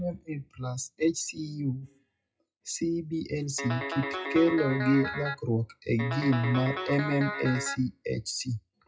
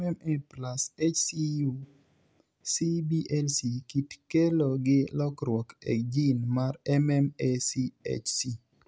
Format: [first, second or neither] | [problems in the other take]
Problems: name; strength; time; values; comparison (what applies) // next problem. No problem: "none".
second | noise reduction (classical method WPE with log-MMSE)